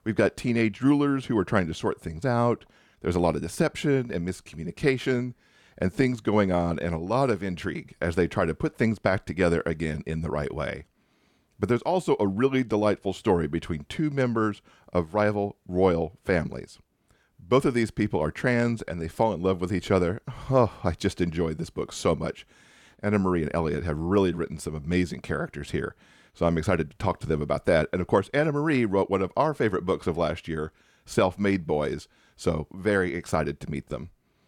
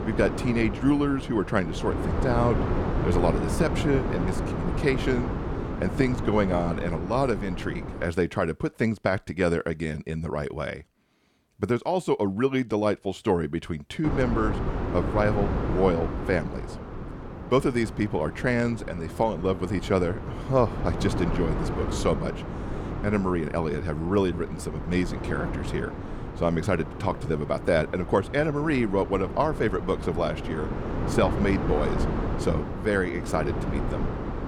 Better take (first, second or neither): first